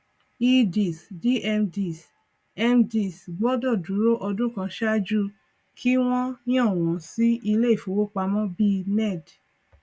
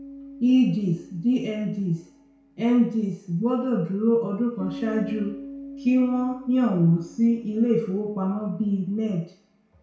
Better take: first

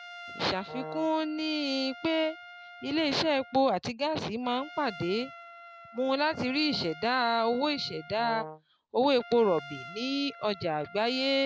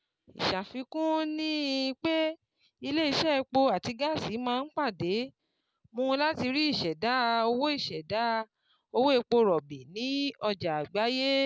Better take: second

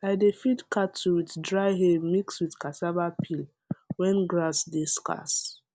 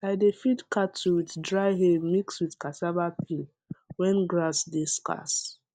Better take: first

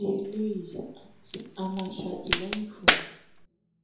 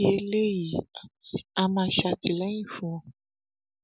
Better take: second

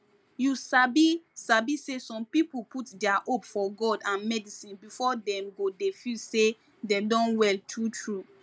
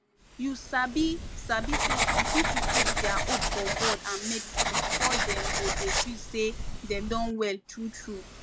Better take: first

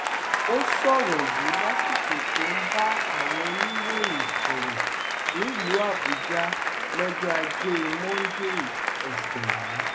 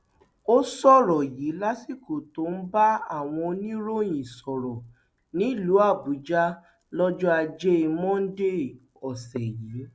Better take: second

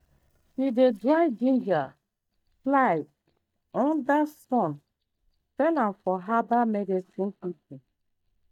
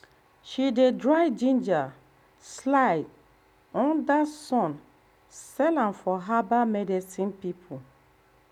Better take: second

